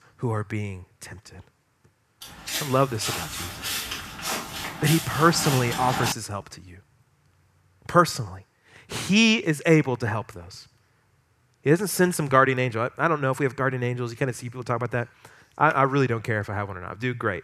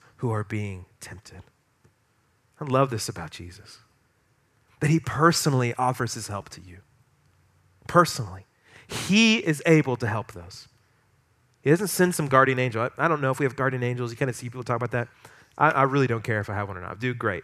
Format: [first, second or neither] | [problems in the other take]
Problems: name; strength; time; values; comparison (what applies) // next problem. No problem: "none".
second | footsteps; noticeable; from 2 to 6 s; peak 3 dB below the speech